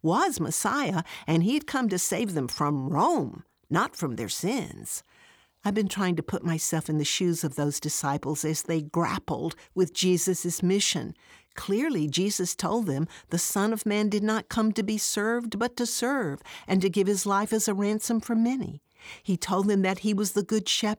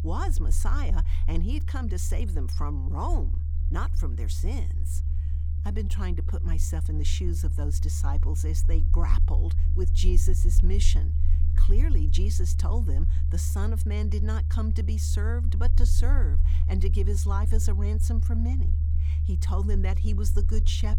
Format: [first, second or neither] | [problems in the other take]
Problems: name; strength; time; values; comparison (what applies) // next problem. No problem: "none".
first | low rumble; loud; throughout; 6 dB below the speech